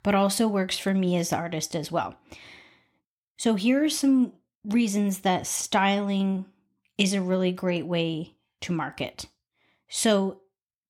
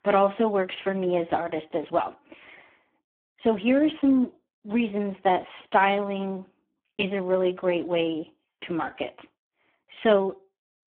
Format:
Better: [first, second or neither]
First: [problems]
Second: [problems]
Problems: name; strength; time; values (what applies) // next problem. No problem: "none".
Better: first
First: none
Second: phone-call audio; poor line